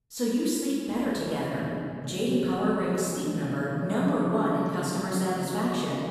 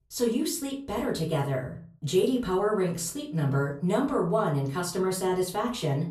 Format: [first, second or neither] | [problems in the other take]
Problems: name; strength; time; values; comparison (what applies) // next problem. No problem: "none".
second | room echo; strong; dies away in 2.6 s; slight in the second // off-mic speech; far; far in the second